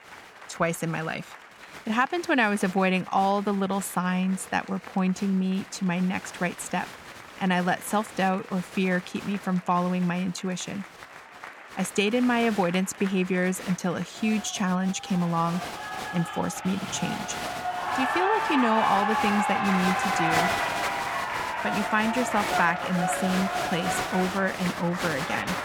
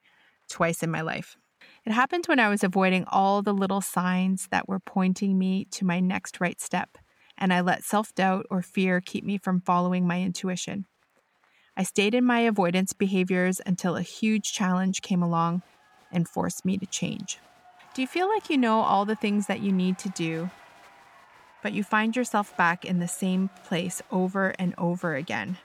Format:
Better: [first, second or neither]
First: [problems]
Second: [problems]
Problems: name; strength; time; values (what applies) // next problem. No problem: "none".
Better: second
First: crowd noise; loud; throughout; 3 dB below the speech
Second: crowd noise; faint; throughout; 30 dB below the speech